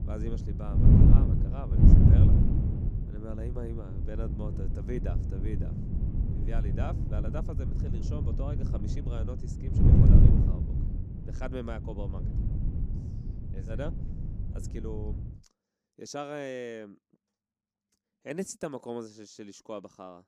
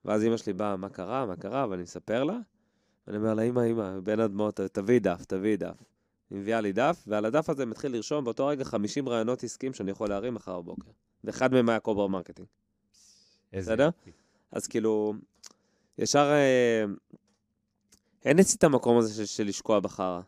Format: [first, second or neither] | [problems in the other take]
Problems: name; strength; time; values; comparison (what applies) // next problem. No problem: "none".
second | wind noise on the microphone; heavy; until 15 s; 3 dB above the speech